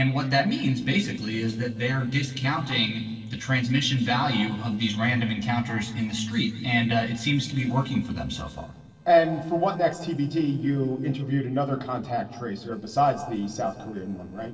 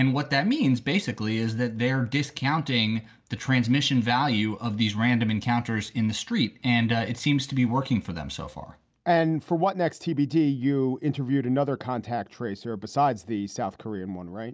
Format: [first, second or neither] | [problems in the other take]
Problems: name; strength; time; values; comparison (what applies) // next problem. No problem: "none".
second | noise reduction (neural separator model SepFormer DNS4)